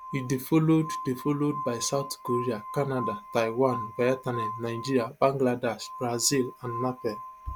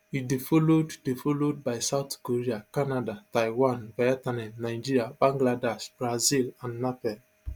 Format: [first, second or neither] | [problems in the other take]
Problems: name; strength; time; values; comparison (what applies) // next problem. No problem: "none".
second | background sound (Glass); 11 dB below the speech